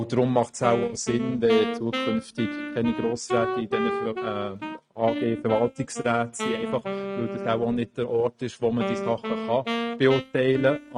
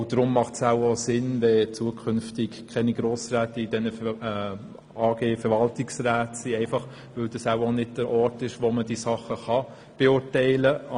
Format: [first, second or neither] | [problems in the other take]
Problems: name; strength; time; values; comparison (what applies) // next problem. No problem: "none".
second | noise reduction (neural mask model RNNoise)